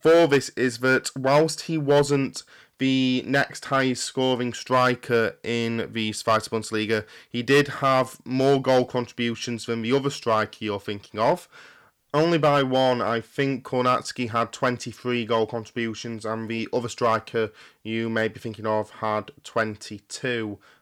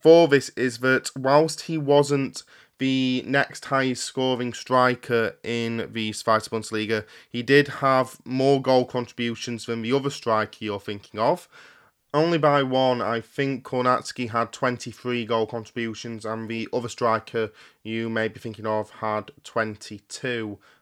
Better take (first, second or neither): second